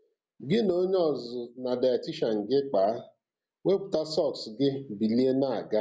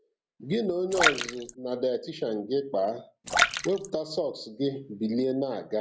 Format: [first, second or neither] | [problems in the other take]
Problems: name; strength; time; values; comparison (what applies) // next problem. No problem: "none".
first | background sound (Splash, splatter); 2 dB below the speech